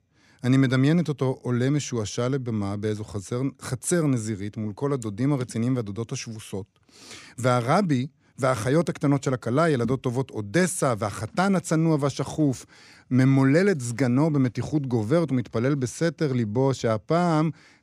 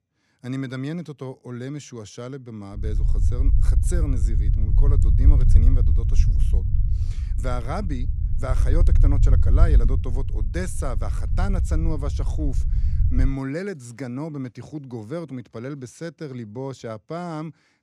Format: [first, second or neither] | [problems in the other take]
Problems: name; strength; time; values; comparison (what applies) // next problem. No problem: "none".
first | low rumble; loud; from 3 to 13 s; 6 dB below the speech